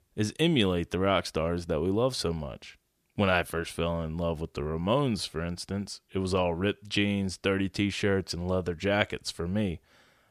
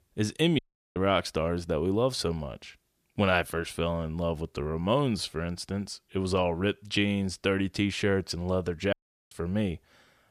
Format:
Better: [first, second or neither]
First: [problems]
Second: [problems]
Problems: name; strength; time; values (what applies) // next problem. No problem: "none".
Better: first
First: none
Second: audio cutting out; at 0.5 s and at 9 s